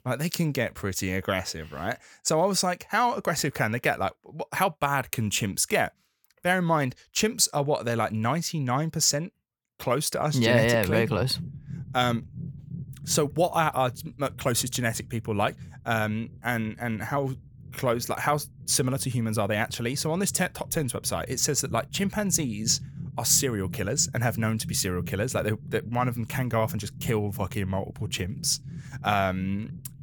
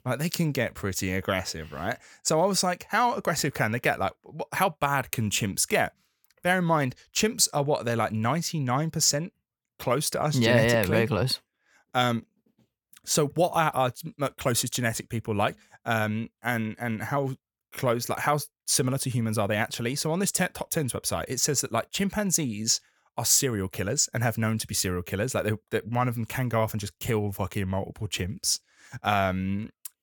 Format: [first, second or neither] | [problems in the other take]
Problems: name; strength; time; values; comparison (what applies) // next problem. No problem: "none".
second | low rumble; faint; from 11 s on; 25 dB below the speech